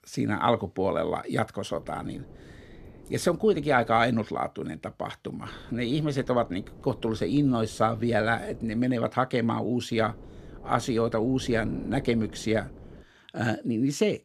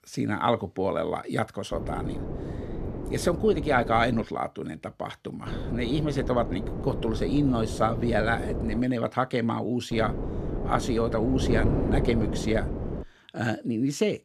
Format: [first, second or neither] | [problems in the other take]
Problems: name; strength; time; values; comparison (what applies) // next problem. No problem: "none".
first | wind noise on the microphone; heavy; from 1.5 to 4 s, from 5.5 to 9 s and from 10 to 13 s; 9 dB below the speech; occasional gusts in the first